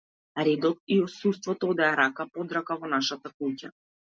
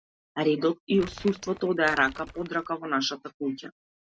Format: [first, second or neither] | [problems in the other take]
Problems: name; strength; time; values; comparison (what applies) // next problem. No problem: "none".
first | background sound (Crumpling, crinkling); 17 dB below the speech